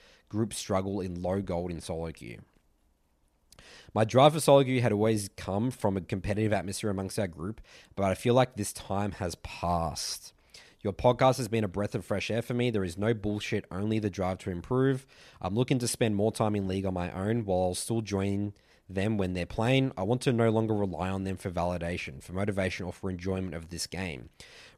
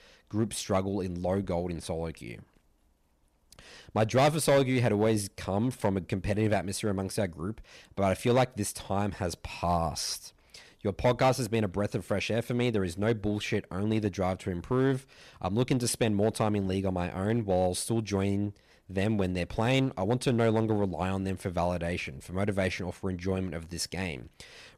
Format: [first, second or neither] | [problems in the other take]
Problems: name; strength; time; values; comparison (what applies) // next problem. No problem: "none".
first | distortion; slight; 3% of the sound clipped